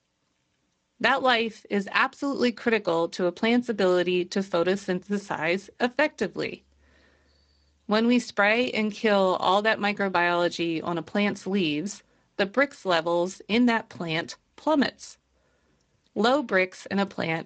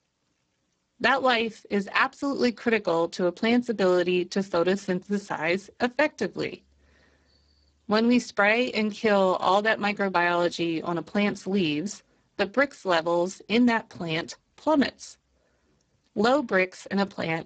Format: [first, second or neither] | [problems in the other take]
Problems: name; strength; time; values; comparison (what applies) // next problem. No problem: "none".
first | garbled, watery; badly; nothing above 8 kHz; slightly in the first